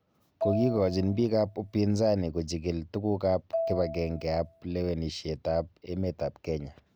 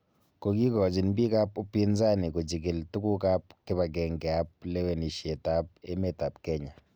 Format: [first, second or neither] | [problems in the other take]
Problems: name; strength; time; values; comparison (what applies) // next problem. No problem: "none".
second | background sound (Marimba, xylophone); 9 dB below the speech